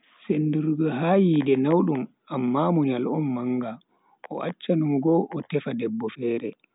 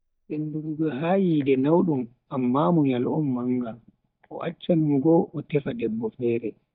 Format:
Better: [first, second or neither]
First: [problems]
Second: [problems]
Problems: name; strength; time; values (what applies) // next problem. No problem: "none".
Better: first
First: none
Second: noise reduction (neural mask model DeepFilterNet 3)